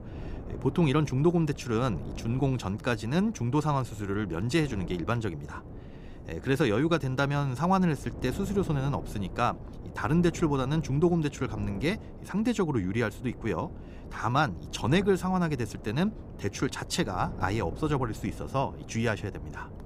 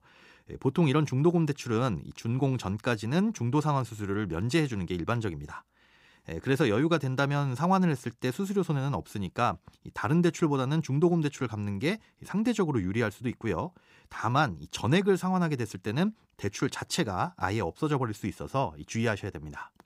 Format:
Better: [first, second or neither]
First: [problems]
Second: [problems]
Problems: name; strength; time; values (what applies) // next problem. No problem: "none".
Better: second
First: wind noise on the microphone; occasional gusts; 15 dB below the speech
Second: none